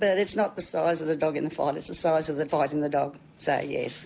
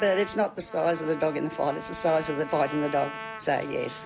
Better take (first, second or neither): first